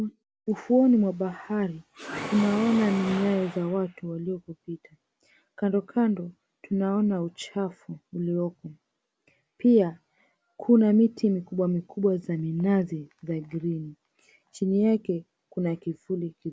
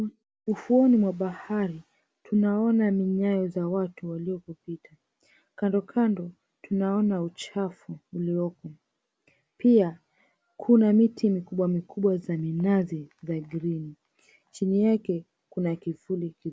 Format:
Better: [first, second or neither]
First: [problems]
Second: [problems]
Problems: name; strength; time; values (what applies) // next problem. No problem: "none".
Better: second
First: background sound (Mechanisms); 10 dB below the speech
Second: none